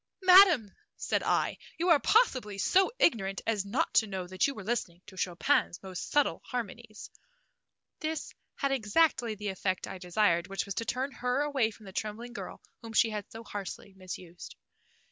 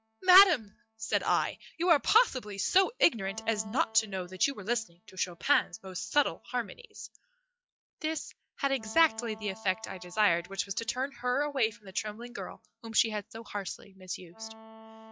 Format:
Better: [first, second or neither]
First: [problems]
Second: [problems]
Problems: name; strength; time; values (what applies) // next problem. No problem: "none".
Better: first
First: none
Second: noise reduction (classical method log-MMSE)